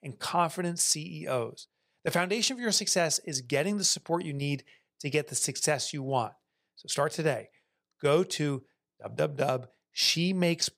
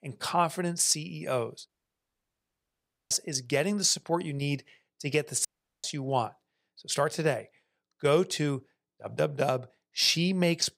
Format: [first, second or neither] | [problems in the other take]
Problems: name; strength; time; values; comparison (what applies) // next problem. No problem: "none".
first | audio cutting out; at 1.5 s for 1.5 s and at 5.5 s